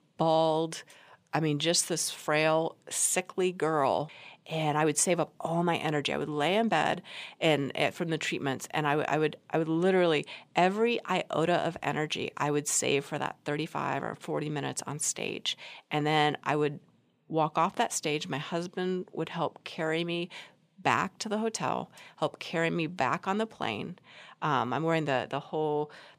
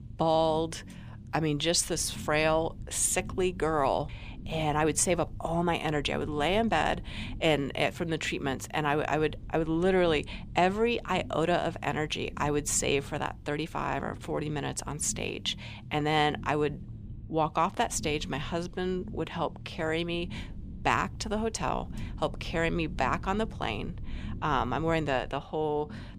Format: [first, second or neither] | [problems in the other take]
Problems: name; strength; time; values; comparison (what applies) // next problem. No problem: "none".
first | low rumble; faint; throughout; 25 dB below the speech